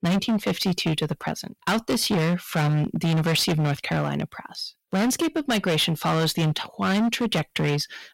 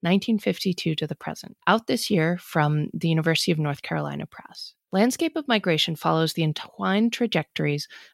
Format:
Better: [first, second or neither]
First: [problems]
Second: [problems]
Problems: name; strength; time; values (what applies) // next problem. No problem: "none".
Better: second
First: distortion; heavy; 20% of the sound clipped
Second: none